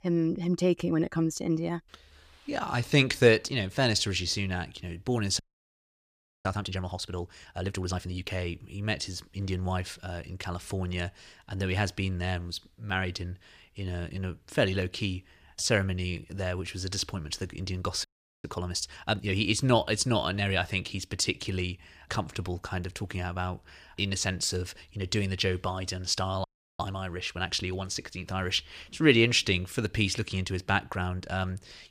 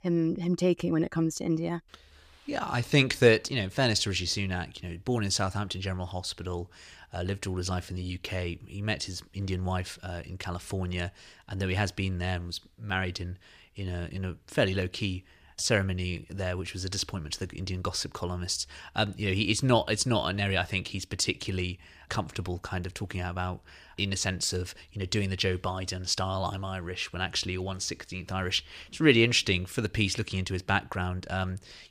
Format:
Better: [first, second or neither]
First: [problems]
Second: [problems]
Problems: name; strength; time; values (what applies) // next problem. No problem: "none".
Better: second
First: audio freezing; at 5.5 s for 1 s, at 18 s and at 26 s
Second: none